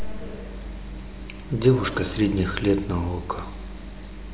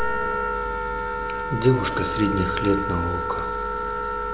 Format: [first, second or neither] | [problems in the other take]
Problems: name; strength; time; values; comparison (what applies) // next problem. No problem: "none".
first | background sound (Wind instrument, woodwind instrument); 1 dB below the speech